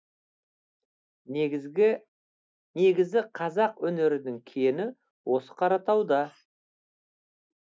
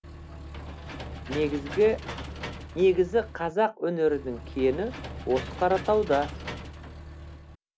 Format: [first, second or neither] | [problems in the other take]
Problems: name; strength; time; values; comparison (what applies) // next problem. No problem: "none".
first | background sound (Engine / Mechanisms); 10 dB below the speech